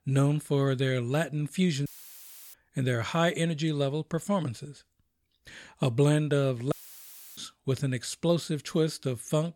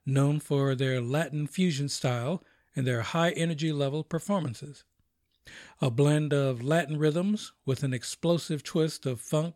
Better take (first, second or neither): second